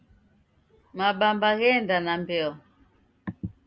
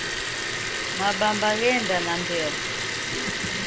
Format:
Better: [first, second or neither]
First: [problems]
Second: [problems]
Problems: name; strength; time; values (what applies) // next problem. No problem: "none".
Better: first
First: none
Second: background sound (Liquid); as loud as the speech